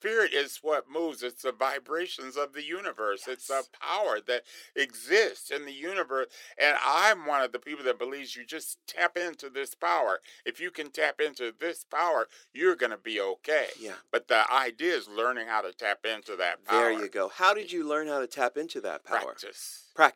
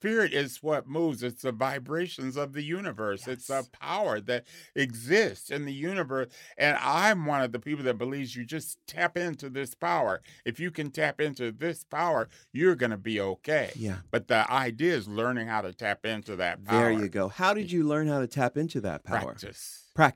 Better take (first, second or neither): second